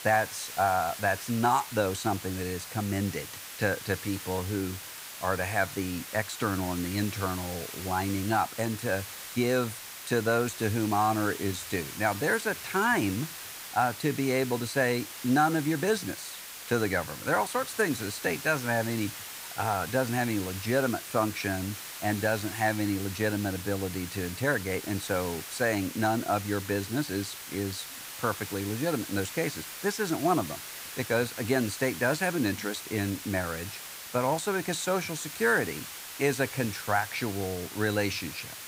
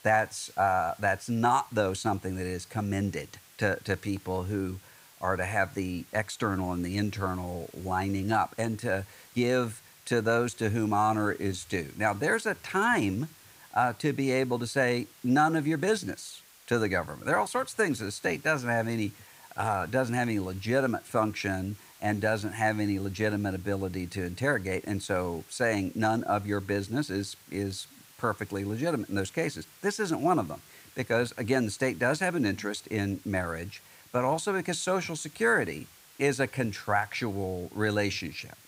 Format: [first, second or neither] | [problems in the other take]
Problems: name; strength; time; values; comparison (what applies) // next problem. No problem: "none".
second | hiss; loud; throughout; 9 dB below the speech; faint in the second